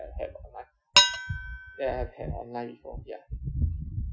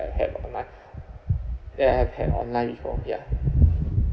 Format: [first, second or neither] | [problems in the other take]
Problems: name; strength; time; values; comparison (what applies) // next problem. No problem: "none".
second | noise reduction (classical method Wiener filter)